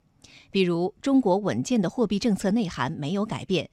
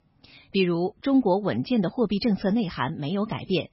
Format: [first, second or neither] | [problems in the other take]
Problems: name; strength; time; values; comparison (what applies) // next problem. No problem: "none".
first | garbled, watery; badly; nothing above 5.5 kHz